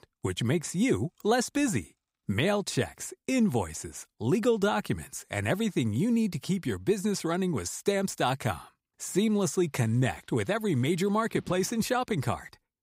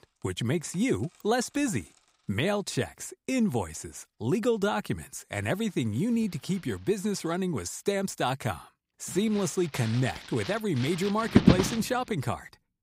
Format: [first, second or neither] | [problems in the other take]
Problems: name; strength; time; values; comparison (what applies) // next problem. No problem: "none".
first | household noises; loud; throughout; as loud as the speech; faint in the first